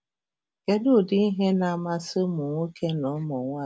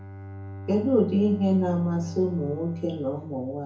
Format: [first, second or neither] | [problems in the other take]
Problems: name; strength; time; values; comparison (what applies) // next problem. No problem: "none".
first | background sound (Bowed string instrument); 14 dB below the speech // room echo; dies away in 0.6 s